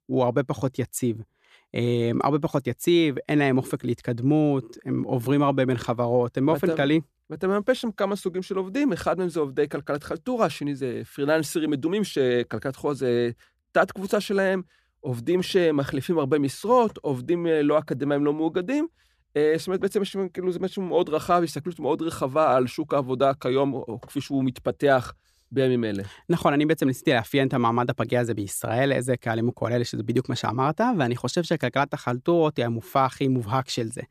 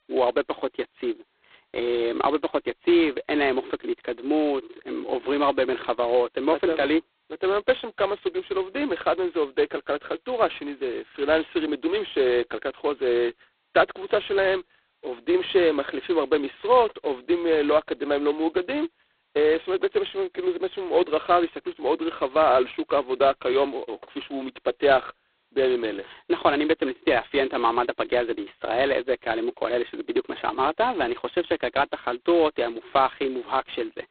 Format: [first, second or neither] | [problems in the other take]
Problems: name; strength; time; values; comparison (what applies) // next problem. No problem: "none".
first | phone-call audio; poor line; nothing above 4 kHz